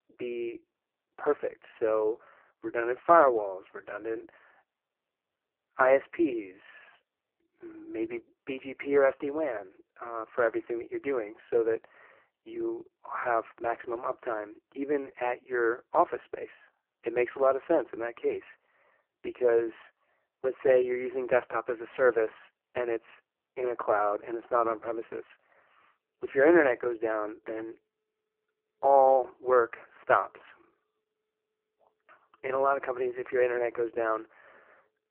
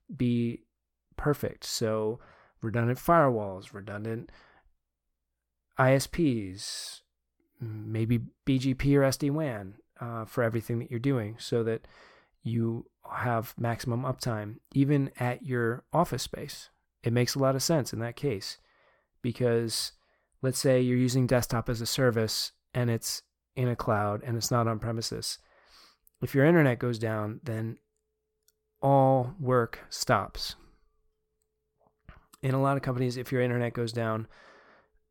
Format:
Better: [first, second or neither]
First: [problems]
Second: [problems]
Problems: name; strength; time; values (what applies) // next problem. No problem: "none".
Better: second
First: phone-call audio; poor line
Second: none